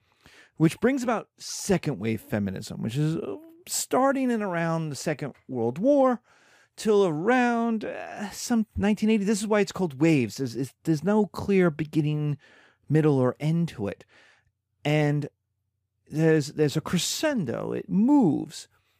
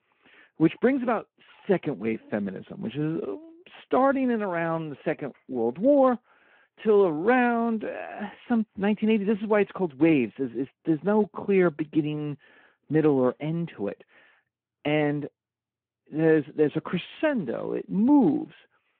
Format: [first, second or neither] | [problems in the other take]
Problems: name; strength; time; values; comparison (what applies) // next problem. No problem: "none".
first | phone-call audio